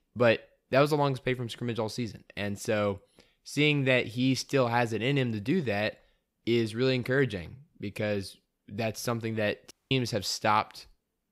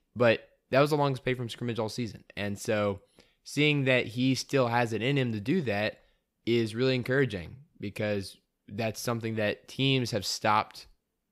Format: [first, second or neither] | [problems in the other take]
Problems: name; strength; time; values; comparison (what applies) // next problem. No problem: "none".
second | audio cutting out; at 9.5 s